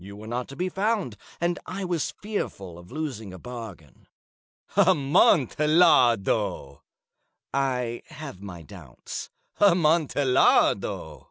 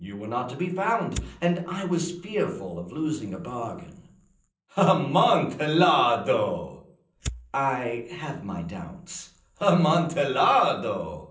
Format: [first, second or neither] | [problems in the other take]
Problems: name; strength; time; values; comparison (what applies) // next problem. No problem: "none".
first | background sound (Fire); 18 dB below the speech // room echo; dies away in 0.6 s